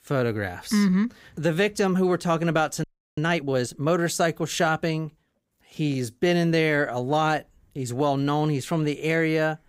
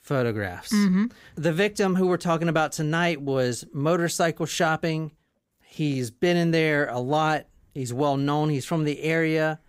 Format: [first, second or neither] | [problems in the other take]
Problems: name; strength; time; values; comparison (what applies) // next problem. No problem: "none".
second | audio freezing; at 3 s